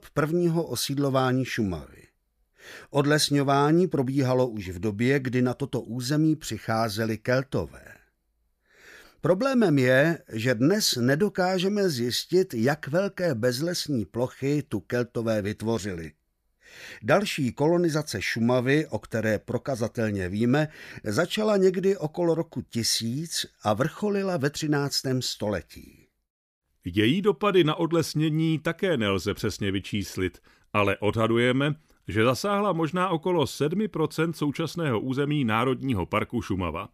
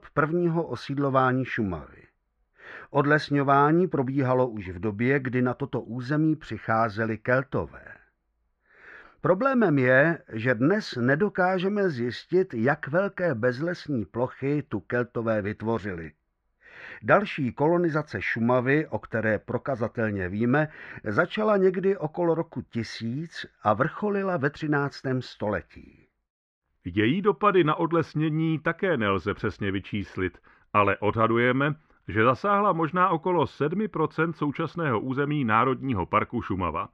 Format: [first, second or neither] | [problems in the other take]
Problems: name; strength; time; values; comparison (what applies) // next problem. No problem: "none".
first | muffled; very; fading above 2 kHz